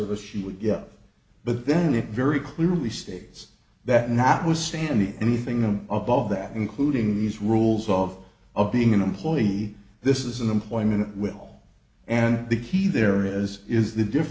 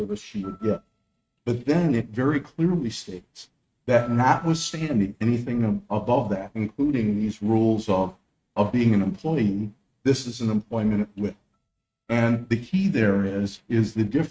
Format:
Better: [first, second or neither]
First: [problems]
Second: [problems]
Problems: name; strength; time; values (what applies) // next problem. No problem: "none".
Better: first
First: none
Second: noise reduction (neural mask model RNNoise)